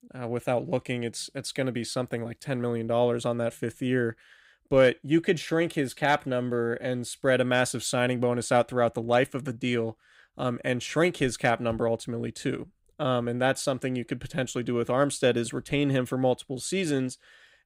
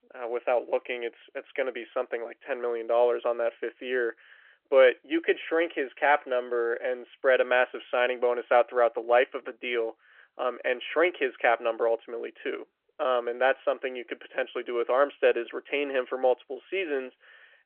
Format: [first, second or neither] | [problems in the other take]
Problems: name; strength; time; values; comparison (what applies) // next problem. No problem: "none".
first | phone-call audio